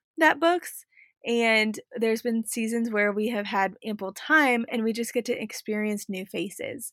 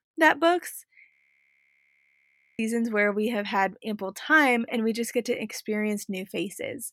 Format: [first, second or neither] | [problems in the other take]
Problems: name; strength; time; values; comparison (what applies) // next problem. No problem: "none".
first | audio freezing; at 1 s for 1.5 s